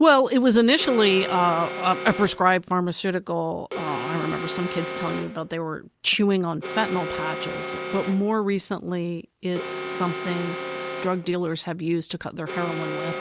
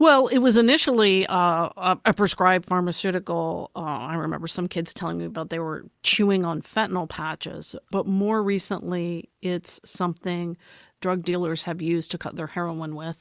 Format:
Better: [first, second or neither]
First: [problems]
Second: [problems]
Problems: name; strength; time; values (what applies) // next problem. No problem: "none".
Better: second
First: background sound (Alarm); 9 dB below the speech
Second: none